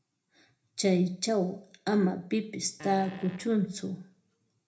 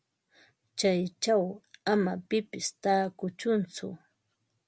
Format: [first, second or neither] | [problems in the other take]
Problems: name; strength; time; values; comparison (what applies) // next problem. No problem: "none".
second | background sound (Fart); 17 dB below the speech // room echo; dies away in 0.4 s